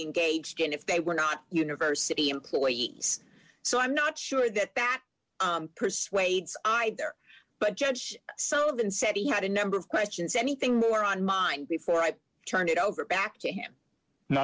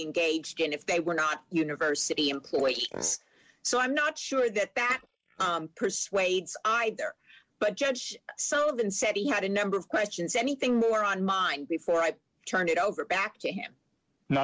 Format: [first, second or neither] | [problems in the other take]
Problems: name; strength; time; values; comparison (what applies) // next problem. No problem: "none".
first | noise reduction (neural mask model Resemble Enhance denoiser)